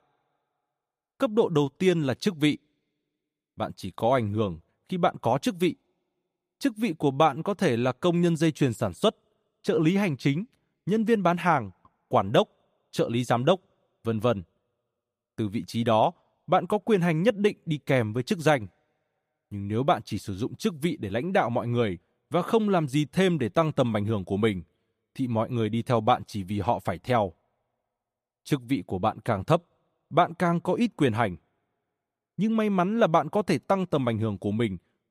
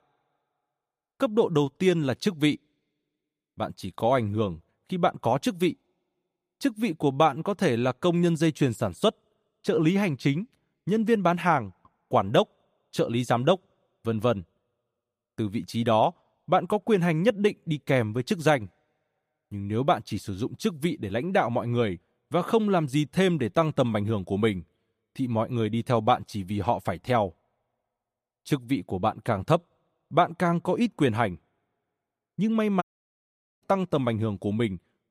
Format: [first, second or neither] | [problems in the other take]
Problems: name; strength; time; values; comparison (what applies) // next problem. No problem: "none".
first | audio cutting out; at 33 s for 1 s